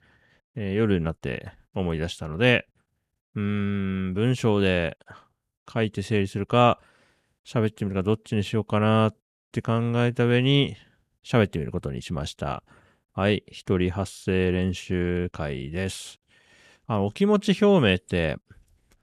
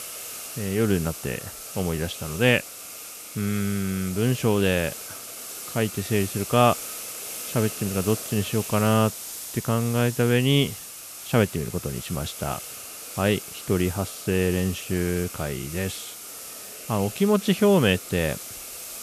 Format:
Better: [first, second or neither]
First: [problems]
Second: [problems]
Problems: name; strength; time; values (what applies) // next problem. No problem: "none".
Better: first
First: none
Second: hiss; loud; throughout; 10 dB below the speech